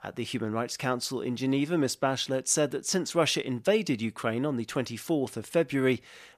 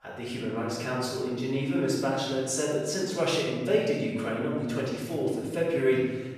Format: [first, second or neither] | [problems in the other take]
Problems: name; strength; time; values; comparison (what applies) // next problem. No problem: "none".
first | off-mic speech; far // room echo; strong; dies away in 1.4 s